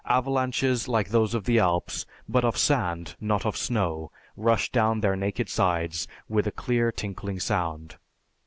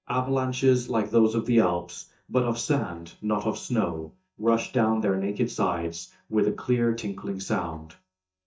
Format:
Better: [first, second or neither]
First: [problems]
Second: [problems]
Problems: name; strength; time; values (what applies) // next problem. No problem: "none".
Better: first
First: none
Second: noise reduction (neural mask model DeepFilterNet 3)